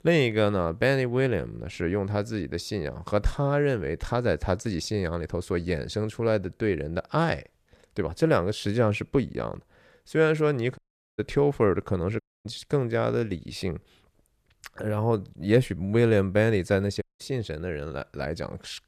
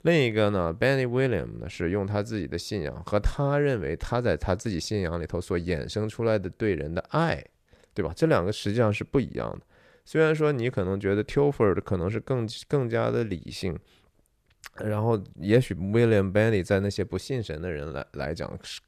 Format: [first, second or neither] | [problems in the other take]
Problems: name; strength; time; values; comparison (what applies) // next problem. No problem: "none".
second | audio cutting out; at 11 s, at 12 s and at 17 s